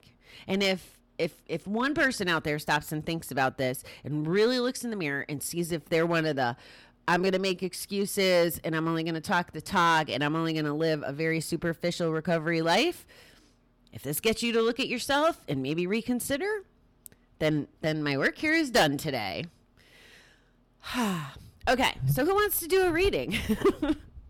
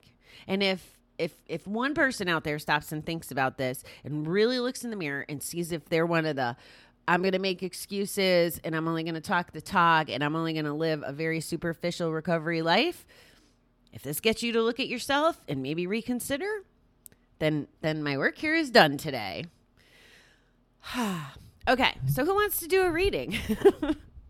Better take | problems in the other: second | distortion; slight; 3% of the sound clipped

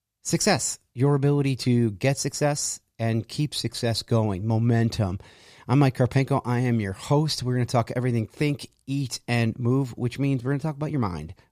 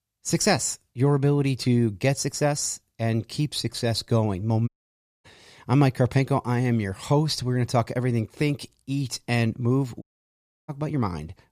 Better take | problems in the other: first | audio cutting out; at 4.5 s for 0.5 s and at 10 s for 0.5 s

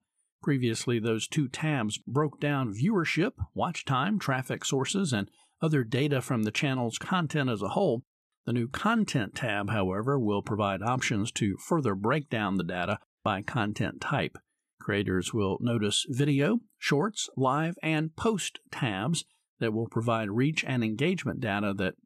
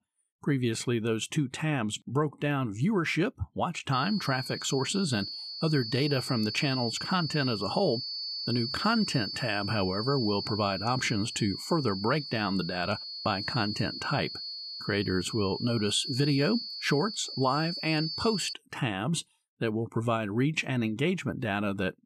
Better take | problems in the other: first | high-pitched whine; loud; from 4 to 19 s; 4.5 kHz, 6 dB below the speech

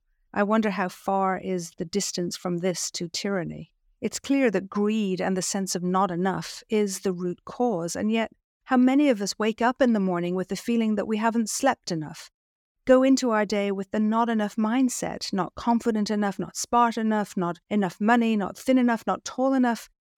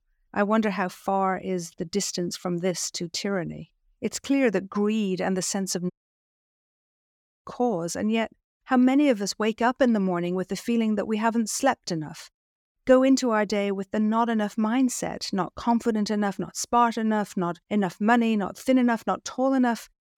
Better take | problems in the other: first | audio cutting out; at 6 s for 1.5 s

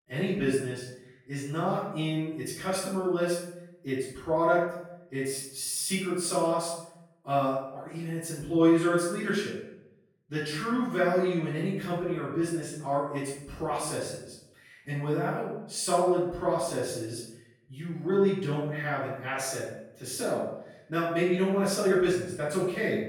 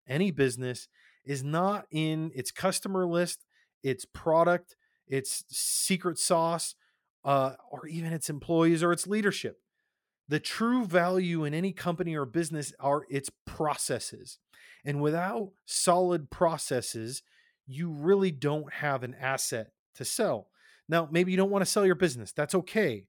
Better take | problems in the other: second | off-mic speech; far // room echo; noticeable; dies away in 0.7 s

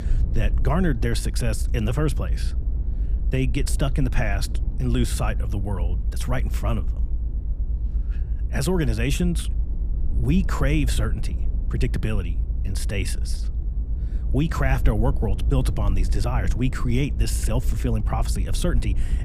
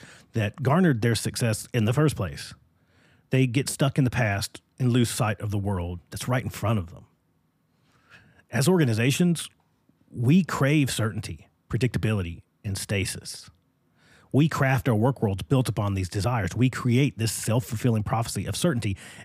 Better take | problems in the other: second | low rumble; noticeable; throughout; 15 dB below the speech

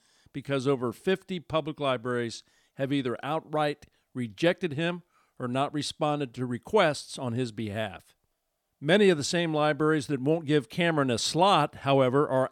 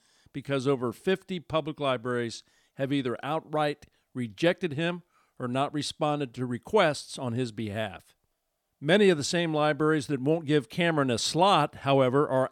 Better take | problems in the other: neither | none

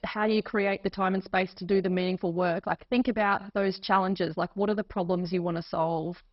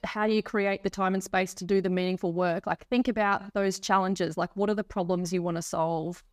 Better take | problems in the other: second | garbled, watery; badly; nothing above 5.5 kHz

